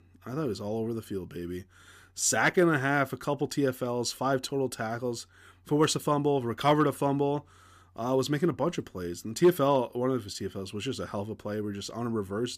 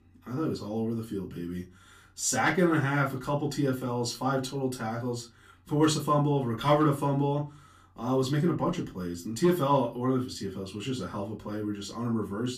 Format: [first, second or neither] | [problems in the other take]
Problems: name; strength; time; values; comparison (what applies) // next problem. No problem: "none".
first | off-mic speech; far // room echo; very slight; dies away in 0.2 s